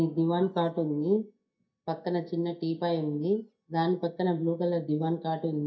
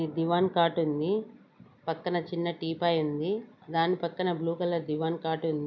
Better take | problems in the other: second | noise reduction (neural mask model DeepFilterNet 3)

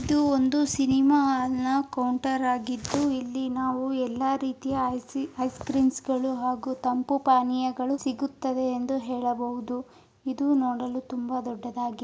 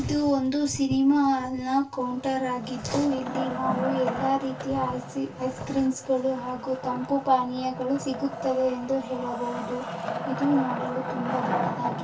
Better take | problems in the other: first | background sound (Wood); 7 dB below the speech // room echo; dies away in 0.2 s

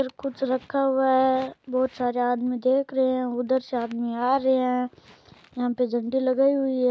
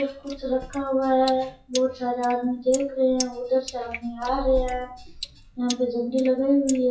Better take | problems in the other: first | noise reduction (classical method WPE with log-MMSE)

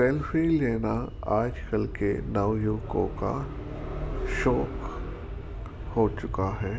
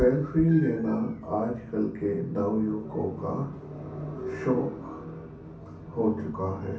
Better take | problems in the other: first | background sound (Meow); 19 dB below the speech // room echo; dies away in 0.6 s

